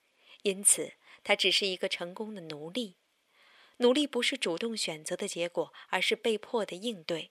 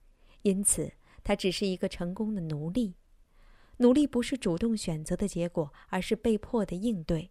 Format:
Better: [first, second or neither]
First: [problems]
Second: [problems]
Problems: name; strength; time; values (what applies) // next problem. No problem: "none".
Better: second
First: thin; somewhat; fading below 400 Hz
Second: none